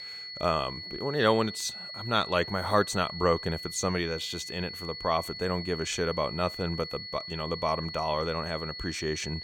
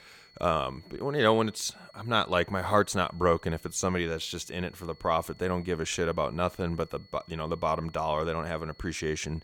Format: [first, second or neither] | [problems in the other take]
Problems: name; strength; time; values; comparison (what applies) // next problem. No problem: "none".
second | high-pitched whine; loud; throughout; 4.5 kHz, 8 dB below the speech; faint in the second